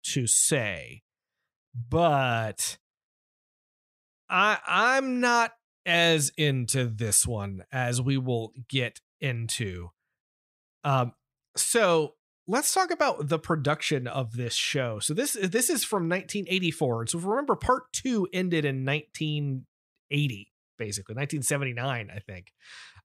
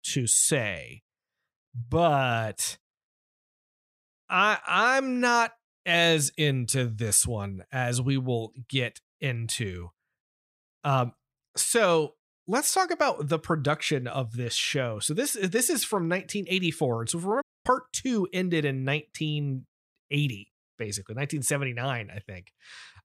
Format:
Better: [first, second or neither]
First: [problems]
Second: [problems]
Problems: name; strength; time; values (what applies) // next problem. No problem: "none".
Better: first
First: none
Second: audio cutting out; at 17 s